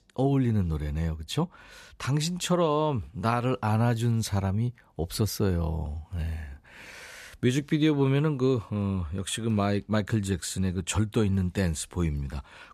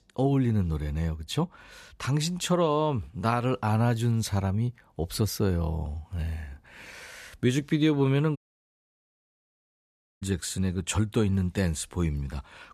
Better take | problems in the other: first | audio cutting out; at 8.5 s for 2 s

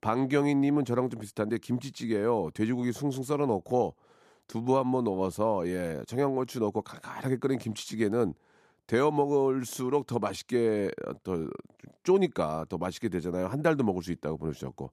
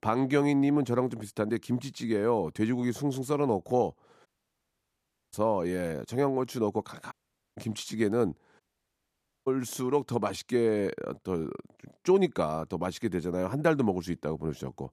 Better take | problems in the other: first | audio cutting out; at 4.5 s for 1 s, at 7 s and at 8.5 s for 1 s

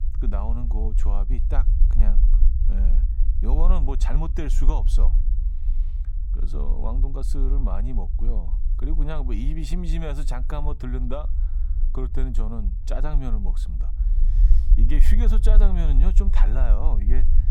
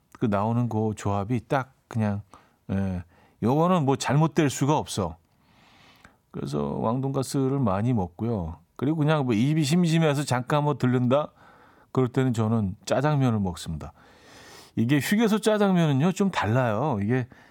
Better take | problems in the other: second | low rumble; noticeable; throughout; 10 dB below the speech

